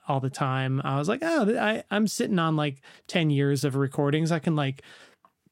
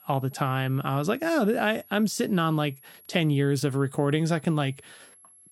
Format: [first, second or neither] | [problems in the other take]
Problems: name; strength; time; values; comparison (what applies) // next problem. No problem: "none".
first | high-pitched whine; faint; throughout; 11.5 kHz, 25 dB below the speech